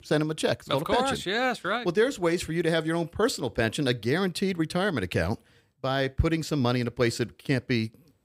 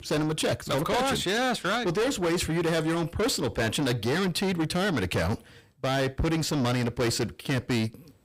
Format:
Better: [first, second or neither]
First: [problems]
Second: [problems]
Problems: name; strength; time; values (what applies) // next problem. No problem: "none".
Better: first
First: none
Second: distortion; heavy; 6 dB below the speech